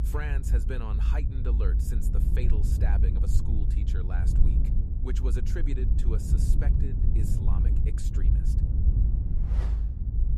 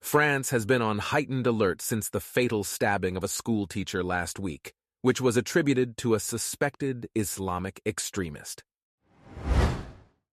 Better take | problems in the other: second | low rumble; loud; throughout; 1 dB below the speech

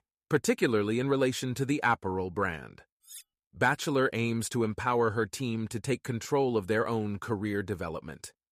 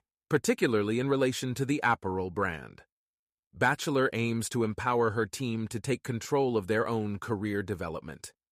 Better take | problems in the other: second | clattering dishes; faint; at 3 s; peak 20 dB below the speech

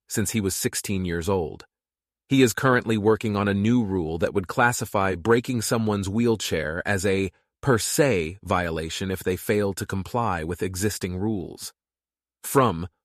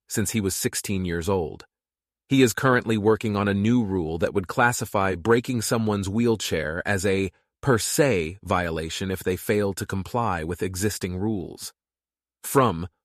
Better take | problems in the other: neither | none

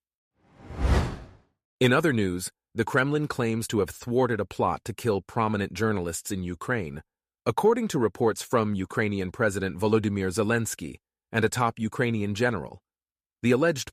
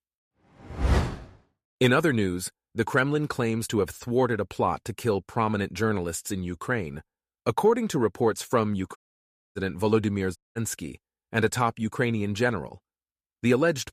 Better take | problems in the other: first | audio cutting out; at 9 s for 0.5 s and at 10 s

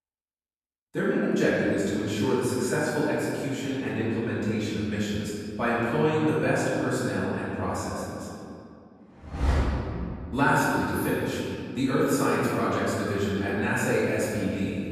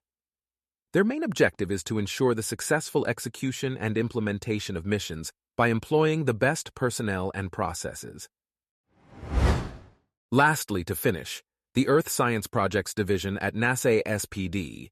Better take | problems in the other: second | room echo; strong; dies away in 2.4 s // off-mic speech; far

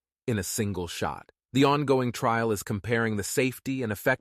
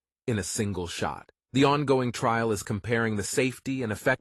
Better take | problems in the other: first | garbled, watery; slightly; nothing above 11.5 kHz

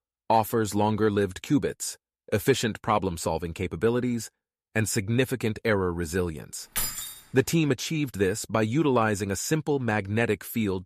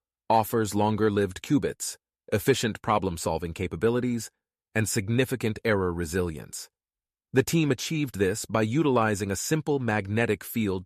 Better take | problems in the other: second | jangling keys; noticeable; at 7 s; peak 2 dB below the speech

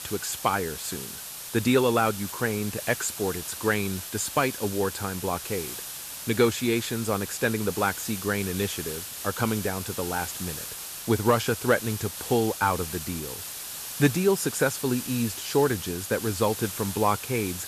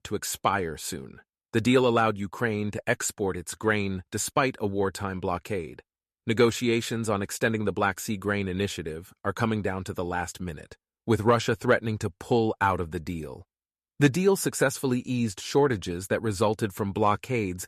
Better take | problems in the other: second | hiss; loud; throughout; 7 dB below the speech

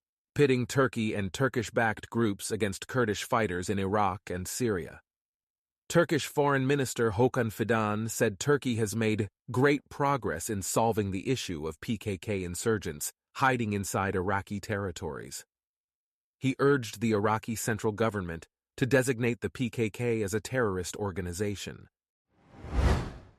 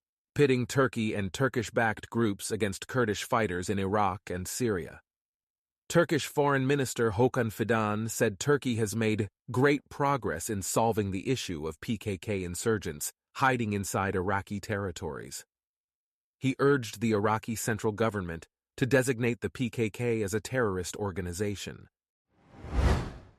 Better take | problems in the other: neither | none

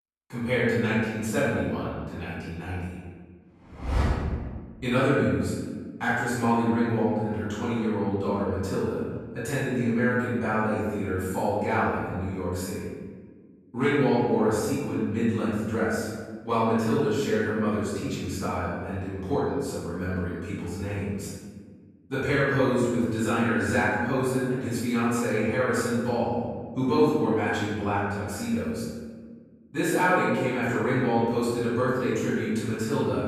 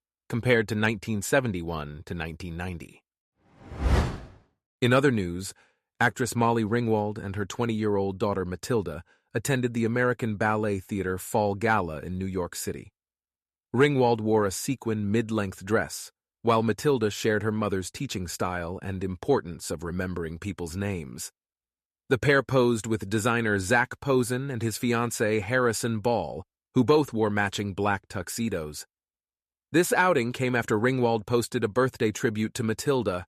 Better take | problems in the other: second | room echo; strong; dies away in 1.5 s // off-mic speech; far

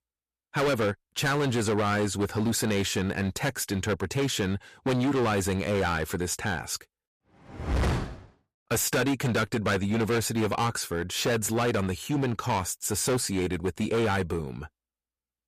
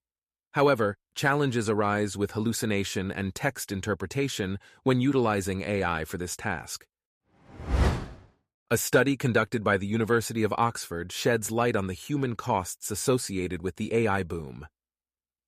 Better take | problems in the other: second | distortion; heavy; 17% of the sound clipped

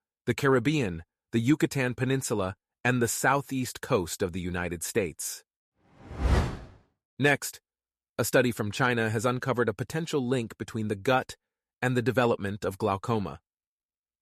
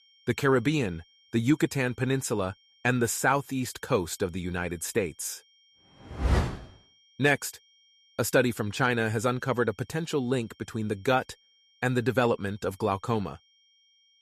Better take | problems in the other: first | high-pitched whine; faint; throughout; 3 kHz, 30 dB below the speech

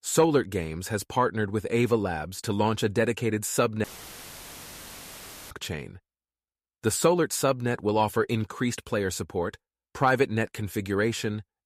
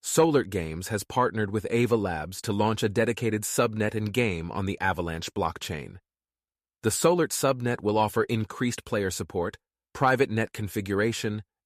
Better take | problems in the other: second | audio cutting out; filled with static; at 4 s for 1.5 s

